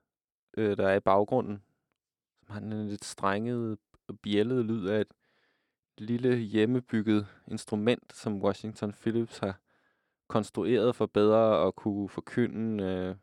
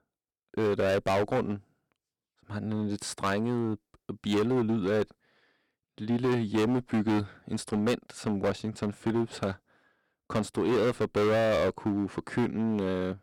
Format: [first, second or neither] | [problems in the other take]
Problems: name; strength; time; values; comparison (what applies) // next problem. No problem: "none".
first | distortion; heavy; 12% of the sound clipped